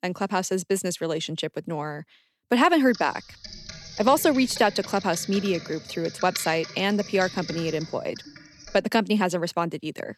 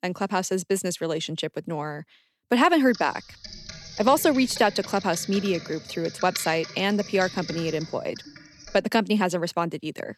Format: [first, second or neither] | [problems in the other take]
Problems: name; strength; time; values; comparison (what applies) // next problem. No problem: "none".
neither | keyboard typing; noticeable; from 3 to 9 s; peak 8 dB below the speech; the same in both